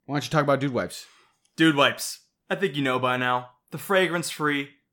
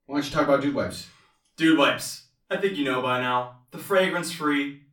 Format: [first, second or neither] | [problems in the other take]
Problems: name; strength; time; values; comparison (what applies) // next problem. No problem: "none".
first | off-mic speech; far // room echo; very slight; dies away in 0.3 s